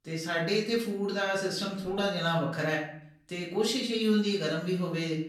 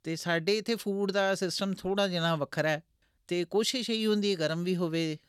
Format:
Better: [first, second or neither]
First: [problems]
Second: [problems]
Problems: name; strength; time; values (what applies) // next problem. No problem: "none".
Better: second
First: off-mic speech; far // room echo; noticeable; dies away in 0.5 s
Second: none